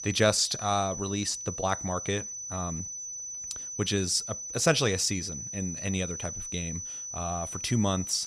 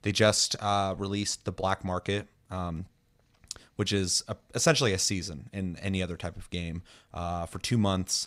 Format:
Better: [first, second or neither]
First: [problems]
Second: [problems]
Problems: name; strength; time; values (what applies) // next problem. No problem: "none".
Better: second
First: high-pitched whine; loud; throughout; 6 kHz, 6 dB below the speech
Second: none